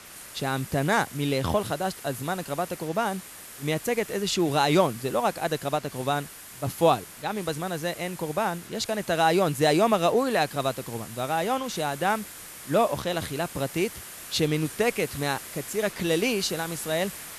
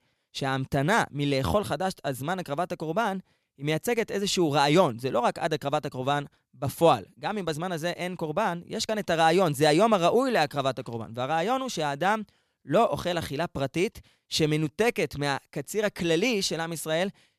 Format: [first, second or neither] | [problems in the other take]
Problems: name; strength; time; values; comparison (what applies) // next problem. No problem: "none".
second | hiss; noticeable; throughout; 15 dB below the speech